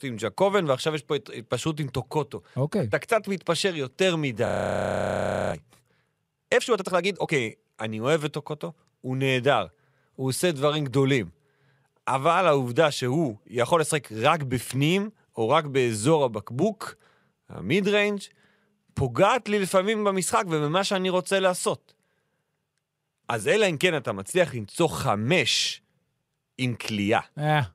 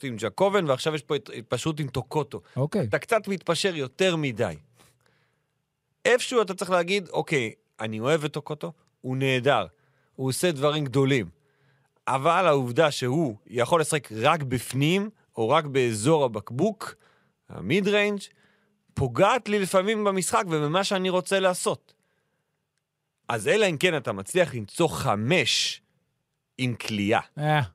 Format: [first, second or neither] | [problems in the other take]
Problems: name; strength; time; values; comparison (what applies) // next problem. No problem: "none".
second | audio freezing; at 4.5 s for 1 s